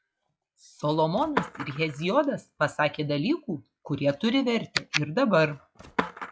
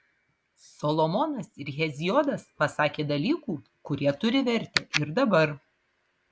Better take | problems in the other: second | noise reduction (classical method log-MMSE)

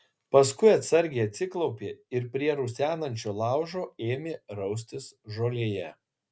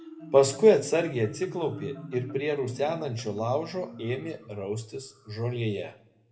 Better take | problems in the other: first | background sound (Marimba, xylophone); 15 dB below the speech // room echo; dies away in 0.5 s

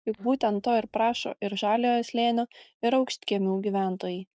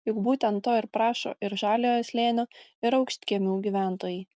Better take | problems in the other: second | noise reduction (neural mask model DeepFilterNet 3)

